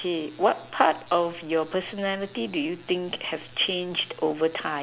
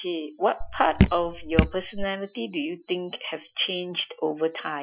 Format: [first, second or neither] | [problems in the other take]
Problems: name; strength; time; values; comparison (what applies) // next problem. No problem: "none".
first | noise reduction (classical method Wiener filter)